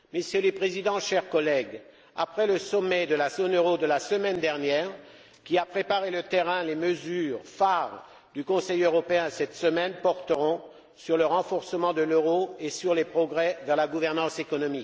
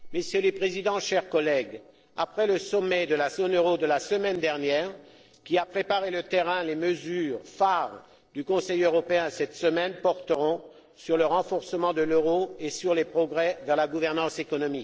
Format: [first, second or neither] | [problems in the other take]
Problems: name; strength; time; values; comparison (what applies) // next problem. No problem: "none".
first | noise reduction (neural separator model SepFormer DNS4)